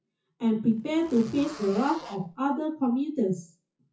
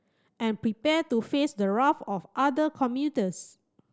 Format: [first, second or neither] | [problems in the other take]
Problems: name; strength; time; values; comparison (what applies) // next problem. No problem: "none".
second | noise reduction (classical method WPE with log-MMSE)